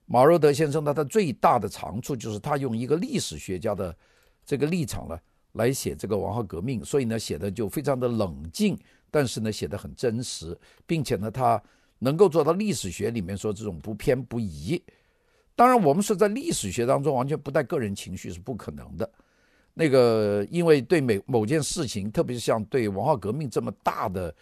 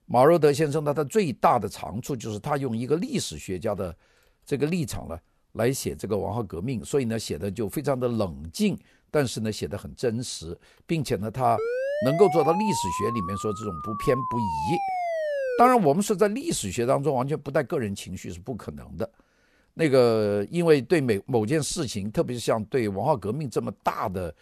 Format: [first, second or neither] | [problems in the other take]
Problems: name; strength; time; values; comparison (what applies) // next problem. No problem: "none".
first | siren; noticeable; from 12 to 16 s; peak 2 dB below the speech